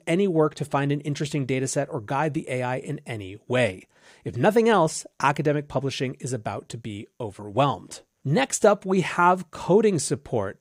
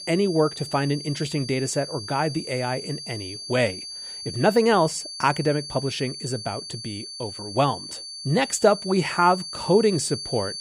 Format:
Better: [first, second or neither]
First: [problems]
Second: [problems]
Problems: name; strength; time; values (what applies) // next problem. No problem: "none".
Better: first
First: none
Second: high-pitched whine; loud; throughout; 4.5 kHz, 10 dB below the speech